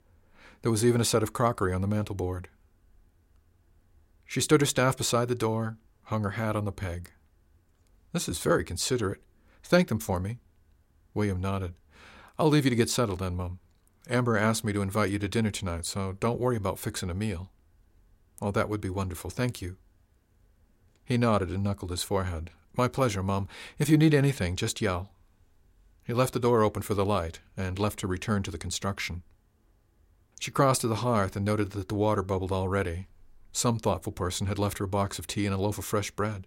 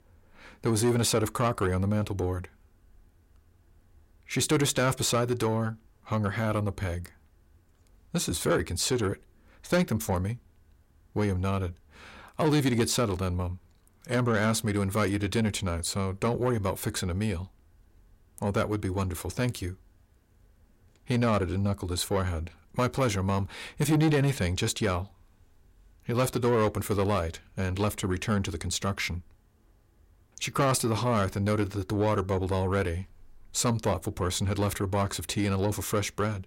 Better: first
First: none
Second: distortion; slight; 10 dB below the speech

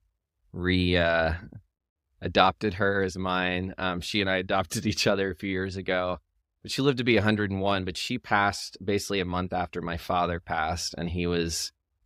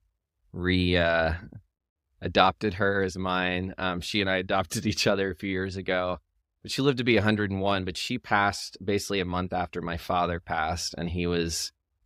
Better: neither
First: none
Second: none

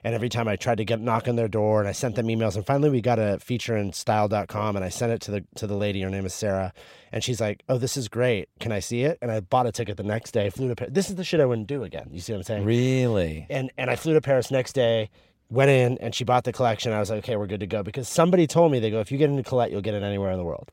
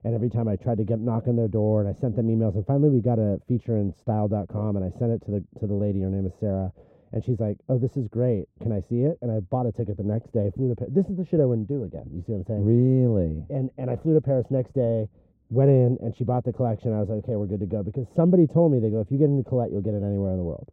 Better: first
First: none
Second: muffled; very; fading above 1 kHz

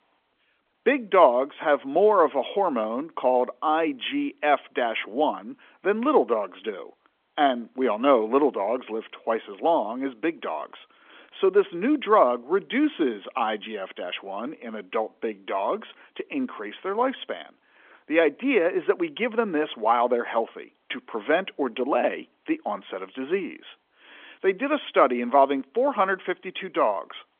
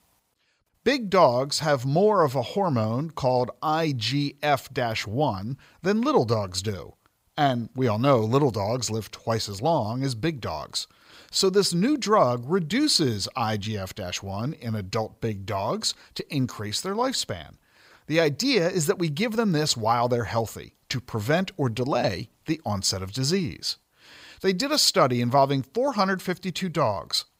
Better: second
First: phone-call audio; nothing above 3.5 kHz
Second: none

